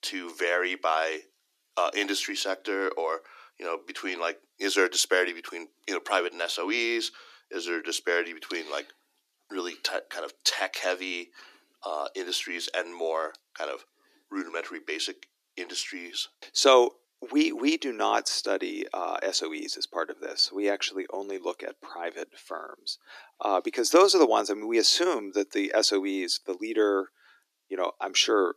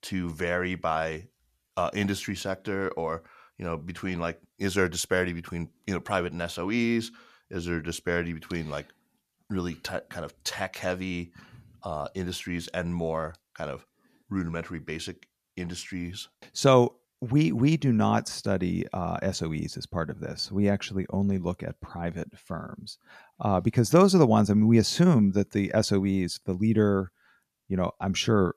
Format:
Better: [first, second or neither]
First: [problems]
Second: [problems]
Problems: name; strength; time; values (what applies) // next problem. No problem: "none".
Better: second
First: thin; somewhat; fading below 300 Hz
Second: none